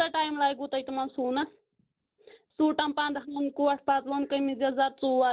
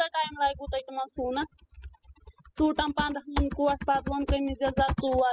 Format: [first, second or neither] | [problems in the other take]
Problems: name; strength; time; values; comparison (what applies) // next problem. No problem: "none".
first | noise reduction (classical method spectral subtraction)